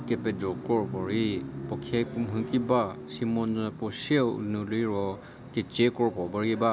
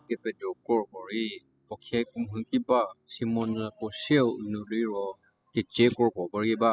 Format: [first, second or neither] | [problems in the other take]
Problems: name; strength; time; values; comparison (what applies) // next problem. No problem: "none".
first | noise reduction (classical method spectral subtraction)